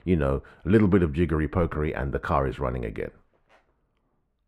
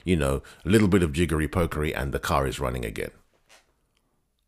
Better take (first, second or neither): second